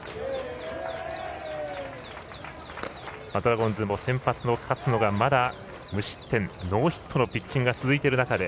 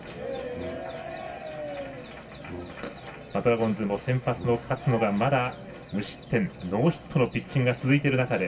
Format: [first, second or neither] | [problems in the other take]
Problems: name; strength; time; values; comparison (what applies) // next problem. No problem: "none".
first | background sound (Brass instrument); 18 dB below the speech // room echo; dies away in 0.2 s